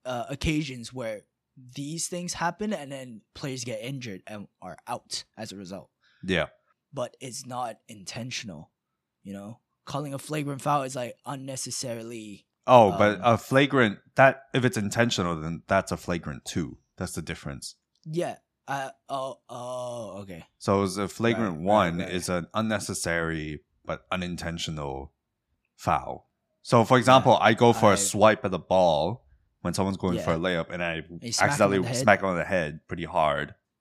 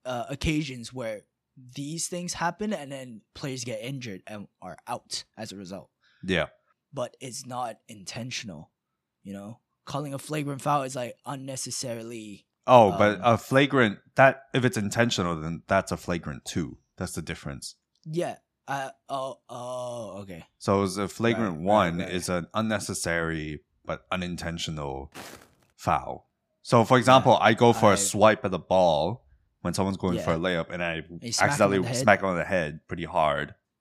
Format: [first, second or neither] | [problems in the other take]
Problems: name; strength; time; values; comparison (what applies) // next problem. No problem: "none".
first | footsteps; faint; at 25 s; peak 15 dB below the speech